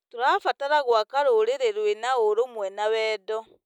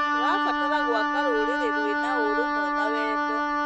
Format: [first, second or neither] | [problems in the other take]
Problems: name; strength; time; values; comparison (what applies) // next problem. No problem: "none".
first | noise reduction (neural mask model RNNoise)